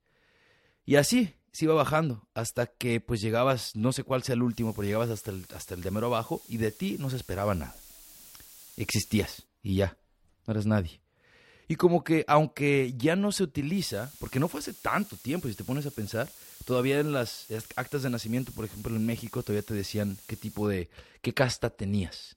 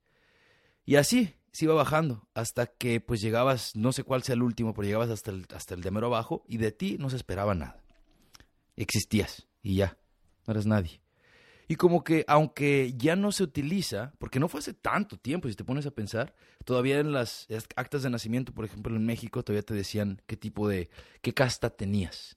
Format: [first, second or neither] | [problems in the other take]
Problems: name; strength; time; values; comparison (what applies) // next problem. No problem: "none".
second | hiss; noticeable; from 4.5 to 9.5 s and from 14 to 21 s; 20 dB below the speech